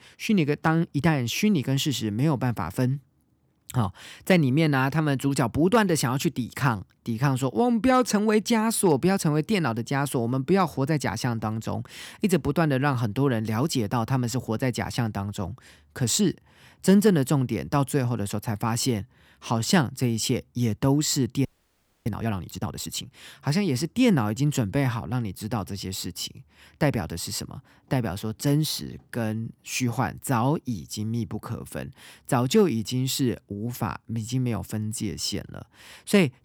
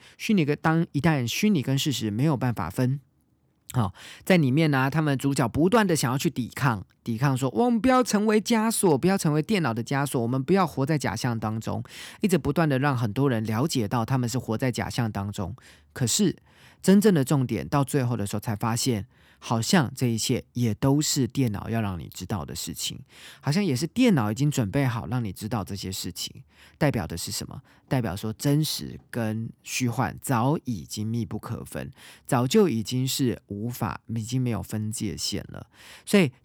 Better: second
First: audio freezing; at 21 s for 0.5 s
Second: none

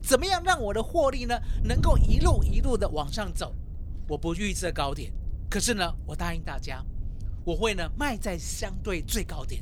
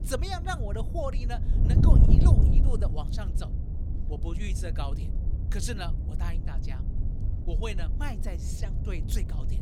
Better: first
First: wind noise on the microphone; occasional gusts; 20 dB below the speech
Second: wind noise on the microphone; heavy; 4 dB below the speech

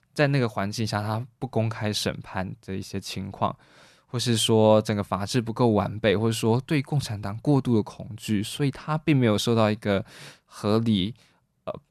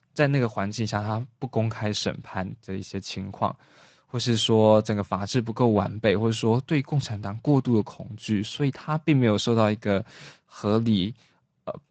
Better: first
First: none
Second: garbled, watery; slightly; nothing above 8 kHz

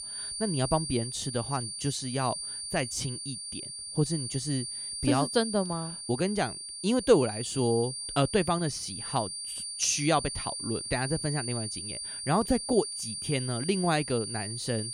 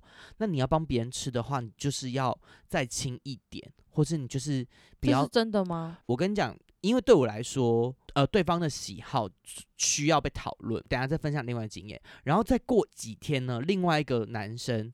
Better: second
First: high-pitched whine; loud; throughout; 4.5 kHz, 5 dB below the speech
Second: none

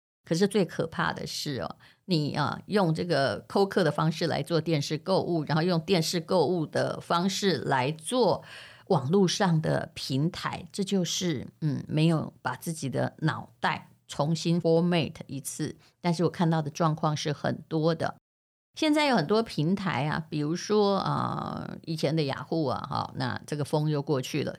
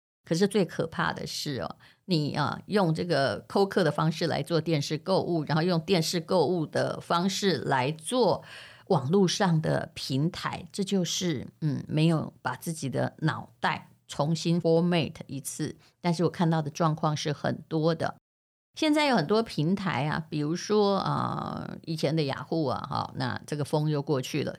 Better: neither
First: none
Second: none

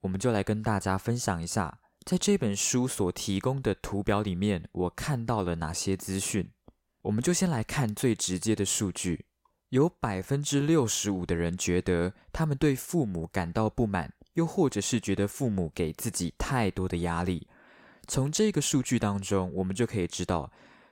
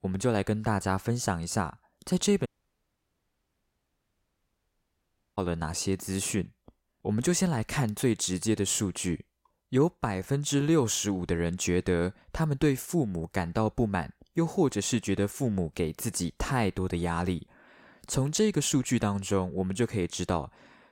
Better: first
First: none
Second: audio cutting out; at 2.5 s for 3 s

